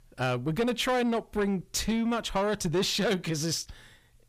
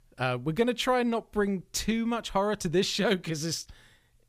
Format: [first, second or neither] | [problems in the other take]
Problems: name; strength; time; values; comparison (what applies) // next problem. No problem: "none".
second | distortion; slight; 10 dB below the speech